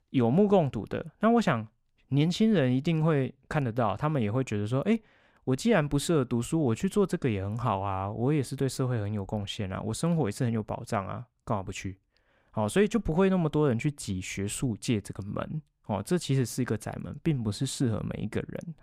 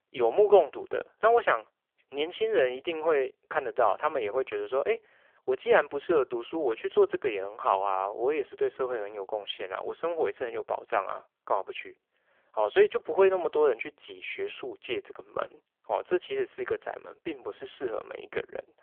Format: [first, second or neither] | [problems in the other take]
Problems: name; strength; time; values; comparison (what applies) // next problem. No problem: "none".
first | phone-call audio; poor line; nothing above 3.5 kHz